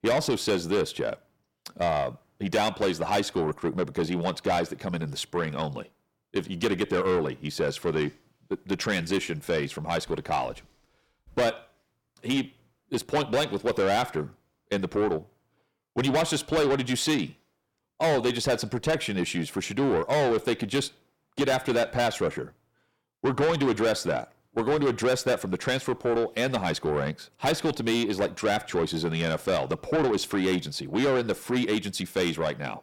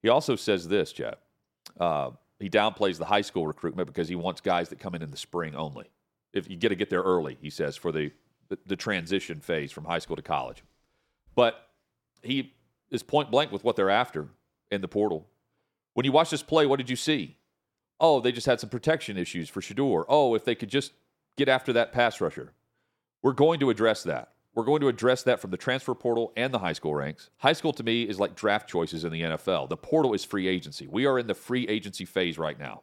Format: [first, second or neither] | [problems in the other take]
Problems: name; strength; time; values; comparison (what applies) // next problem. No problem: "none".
second | distortion; heavy; 6 dB below the speech